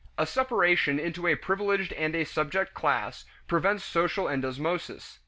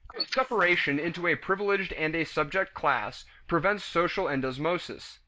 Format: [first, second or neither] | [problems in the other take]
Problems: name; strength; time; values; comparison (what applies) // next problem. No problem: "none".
first | noise reduction (neural mask model Resemble Enhance denoiser)